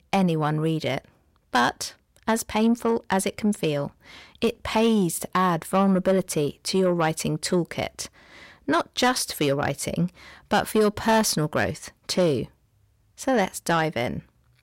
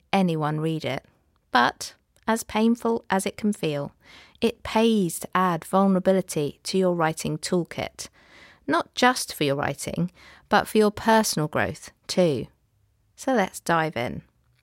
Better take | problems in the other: second | distortion; slight; 10 dB below the speech

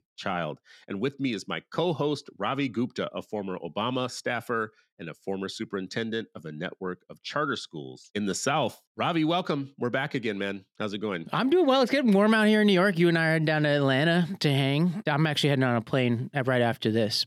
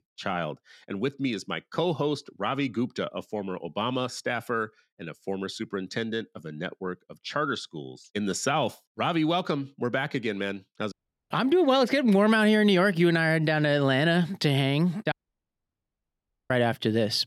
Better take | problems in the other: first | audio cutting out; at 11 s and at 15 s for 1.5 s

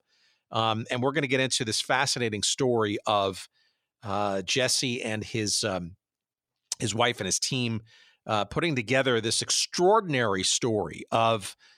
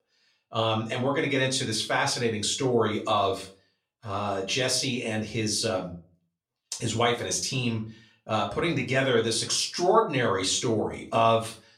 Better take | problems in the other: first | off-mic speech; far // room echo; slight; dies away in 0.3 s

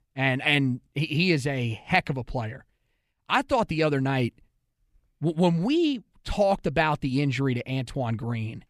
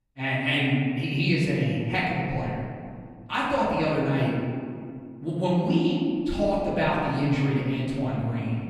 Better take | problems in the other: first | off-mic speech; far // room echo; noticeable; dies away in 2.2 s

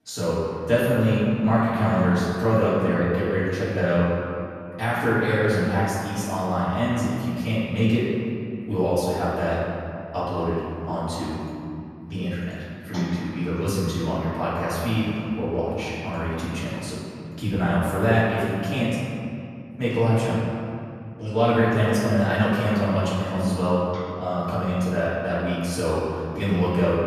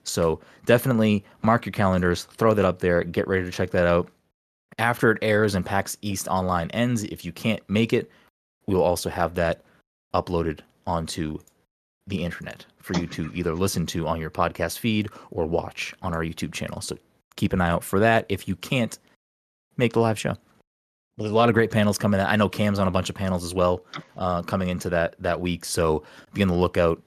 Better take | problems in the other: second | room echo; strong; dies away in 2.5 s // off-mic speech; far

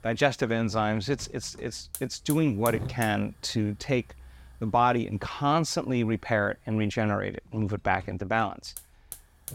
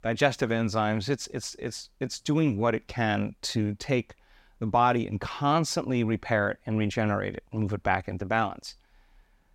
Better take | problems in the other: second | hiss; noticeable; throughout; 15 dB below the speech

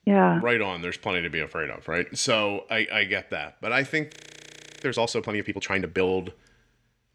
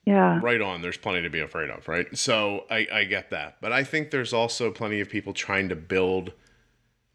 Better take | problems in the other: second | audio freezing; at 4 s for 0.5 s

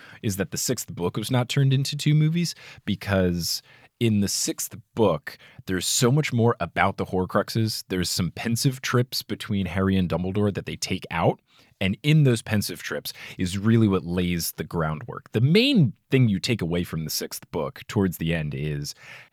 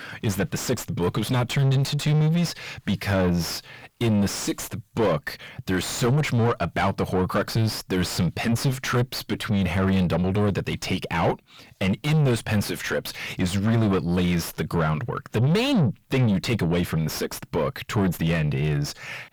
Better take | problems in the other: first | distortion; heavy; 6 dB below the speech

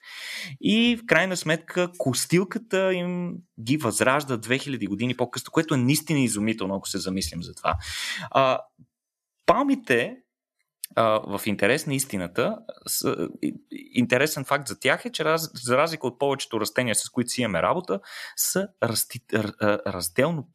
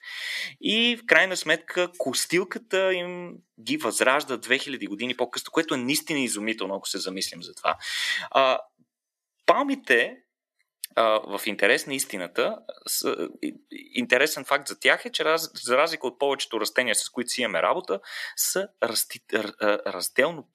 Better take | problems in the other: first | thin; somewhat; fading below 350 Hz

